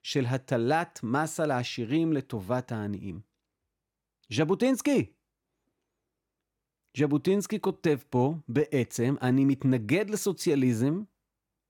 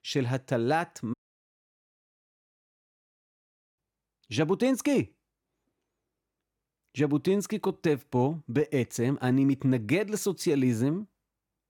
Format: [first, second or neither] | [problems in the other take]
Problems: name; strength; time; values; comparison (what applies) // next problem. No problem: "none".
first | audio cutting out; at 1 s for 2.5 s